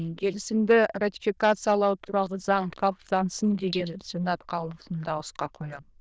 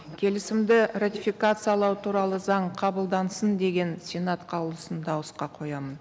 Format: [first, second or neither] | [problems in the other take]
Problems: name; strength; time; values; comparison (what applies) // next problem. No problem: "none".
second | noise reduction (neural diffusion model UNIVERSE++)